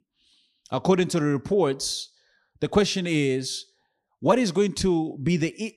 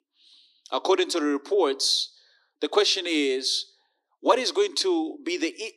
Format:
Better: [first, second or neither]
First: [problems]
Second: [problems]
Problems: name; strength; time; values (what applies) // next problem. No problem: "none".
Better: first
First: none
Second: thin; somewhat; fading below 300 Hz